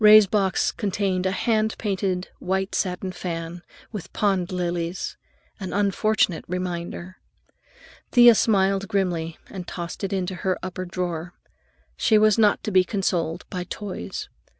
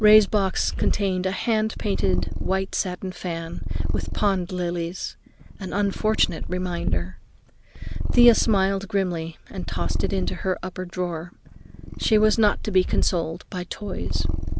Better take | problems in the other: first | background sound (Purr); 1 dB below the speech

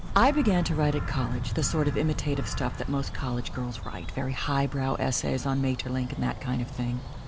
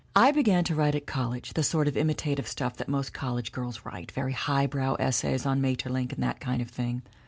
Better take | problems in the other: second | background sound (Bird vocalization, bird call, bird song); 5 dB below the speech

